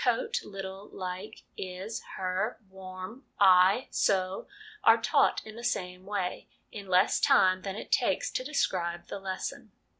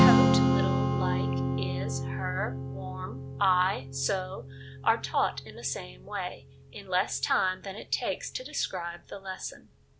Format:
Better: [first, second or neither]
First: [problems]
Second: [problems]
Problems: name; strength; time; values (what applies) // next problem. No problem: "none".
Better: first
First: none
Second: background sound (Strum); 2 dB above the speech